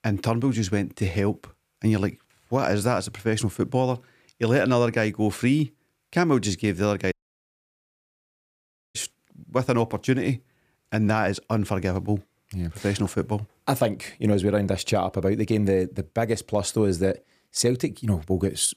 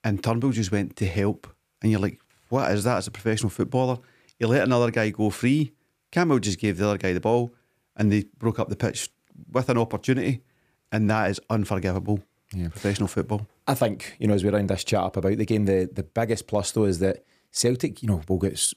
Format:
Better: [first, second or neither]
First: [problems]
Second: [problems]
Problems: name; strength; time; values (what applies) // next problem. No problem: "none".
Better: second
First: audio cutting out; at 7 s for 2 s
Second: none